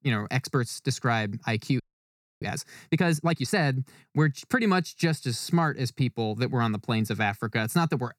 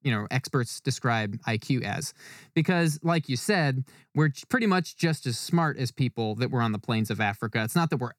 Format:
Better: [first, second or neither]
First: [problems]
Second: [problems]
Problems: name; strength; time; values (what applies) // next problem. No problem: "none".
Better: second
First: audio freezing; at 2 s for 0.5 s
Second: none